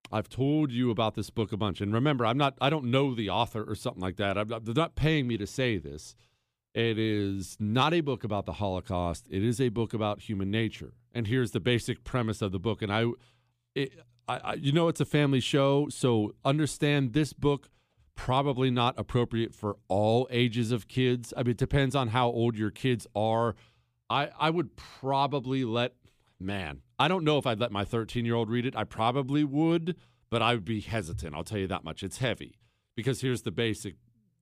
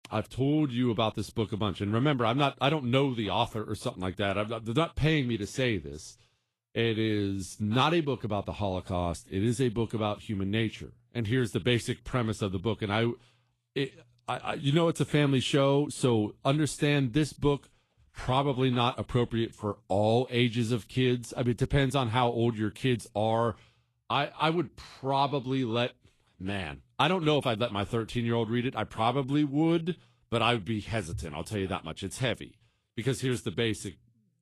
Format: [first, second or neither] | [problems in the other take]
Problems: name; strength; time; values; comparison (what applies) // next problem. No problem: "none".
first | garbled, watery; slightly; nothing above 12.5 kHz